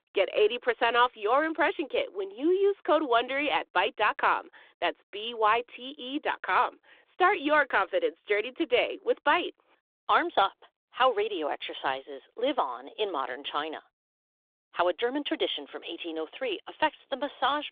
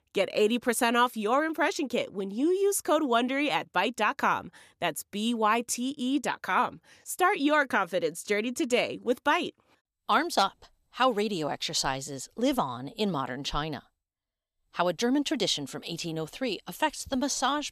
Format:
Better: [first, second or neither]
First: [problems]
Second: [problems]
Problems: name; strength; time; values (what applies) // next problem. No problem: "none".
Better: second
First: phone-call audio; nothing above 3.5 kHz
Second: none